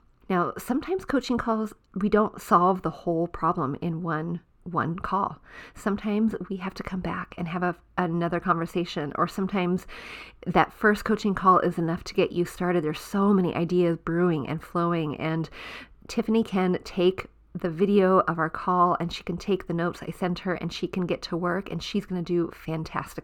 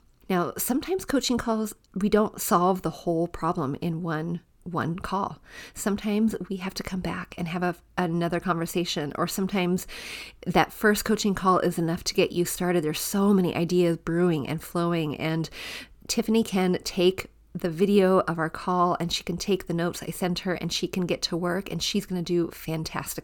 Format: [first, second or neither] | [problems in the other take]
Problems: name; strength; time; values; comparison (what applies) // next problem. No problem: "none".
second | muffled; slightly; fading above 4 kHz